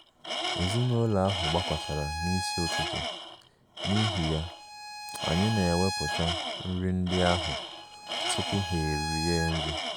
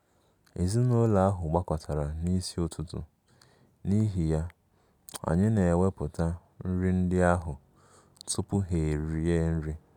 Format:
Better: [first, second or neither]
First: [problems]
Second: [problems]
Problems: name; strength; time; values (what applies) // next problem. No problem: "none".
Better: second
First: background sound (Bowed string instrument + Tools); 3 dB below the speech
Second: none